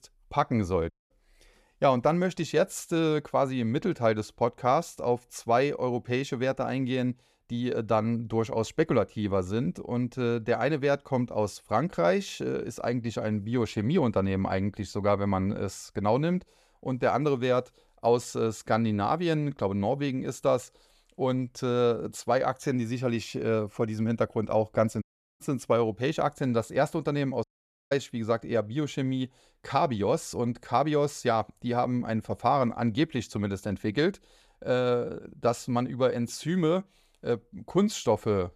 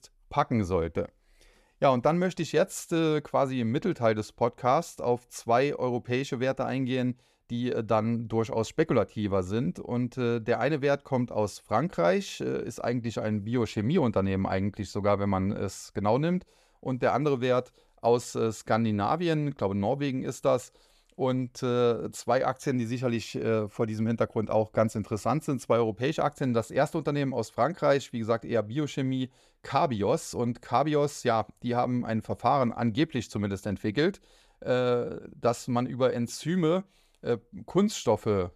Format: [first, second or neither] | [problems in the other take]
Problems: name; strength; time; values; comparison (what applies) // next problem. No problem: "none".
second | audio cutting out; at 1 s, at 25 s and at 27 s